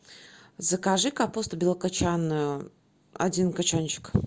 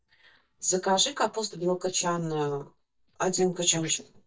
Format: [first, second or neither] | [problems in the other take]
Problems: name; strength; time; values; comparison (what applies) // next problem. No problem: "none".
first | noise reduction (neural mask model DeepFilterNet 3)